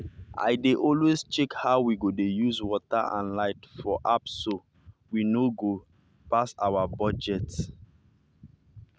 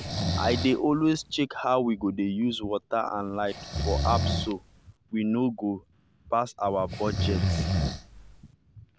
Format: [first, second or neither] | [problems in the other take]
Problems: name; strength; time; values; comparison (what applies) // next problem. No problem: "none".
first | background sound (Breathing); 4 dB below the speech